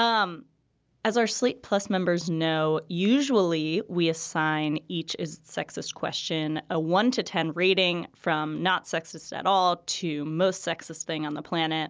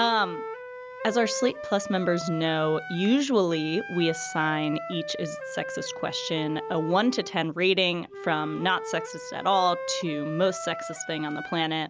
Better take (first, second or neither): first